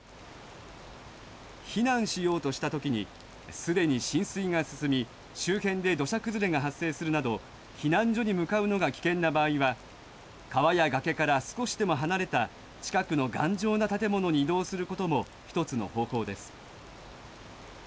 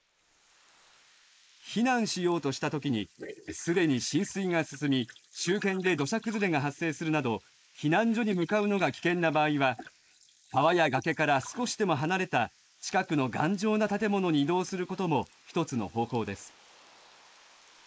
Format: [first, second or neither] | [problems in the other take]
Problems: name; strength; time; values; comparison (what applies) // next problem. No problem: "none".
first | noise reduction (neural mask model Resemble Enhance denoiser)